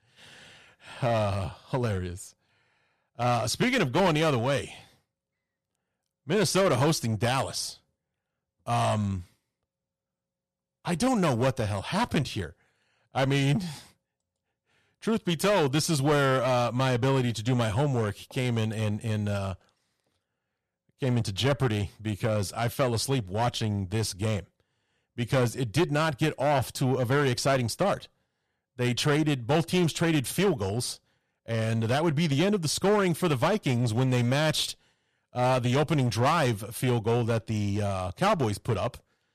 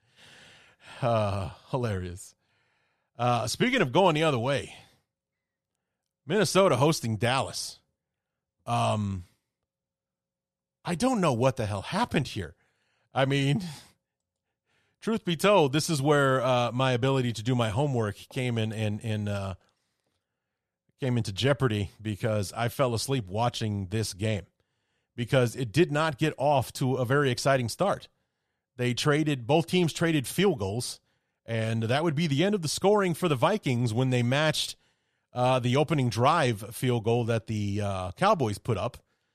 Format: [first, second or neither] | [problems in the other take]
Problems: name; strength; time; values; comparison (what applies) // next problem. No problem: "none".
second | distortion; slight; 8% of the sound clipped